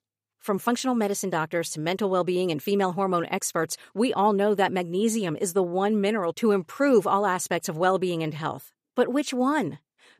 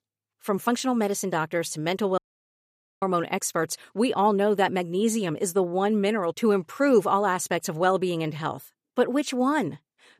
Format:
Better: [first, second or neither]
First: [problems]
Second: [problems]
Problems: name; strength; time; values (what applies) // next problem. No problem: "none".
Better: first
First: none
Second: audio cutting out; at 2 s for 1 s